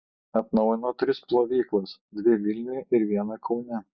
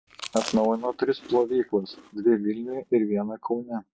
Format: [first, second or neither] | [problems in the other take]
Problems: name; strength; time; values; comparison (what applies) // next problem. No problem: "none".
first | background sound (Chewing, mastication); 17 dB below the speech